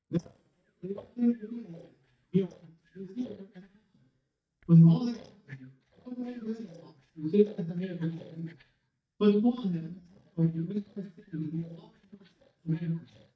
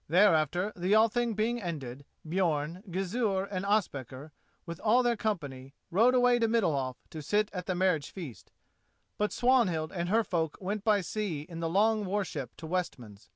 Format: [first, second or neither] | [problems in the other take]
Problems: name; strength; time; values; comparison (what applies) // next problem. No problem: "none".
second | noise reduction (neural mask model DeepFilterNet 3)